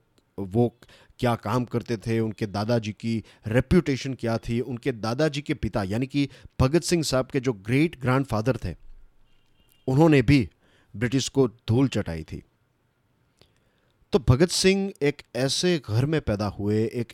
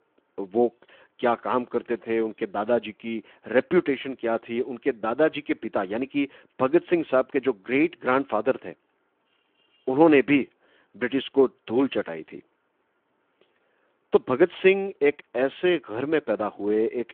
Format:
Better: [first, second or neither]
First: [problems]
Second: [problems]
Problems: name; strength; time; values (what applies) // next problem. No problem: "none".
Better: first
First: none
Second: phone-call audio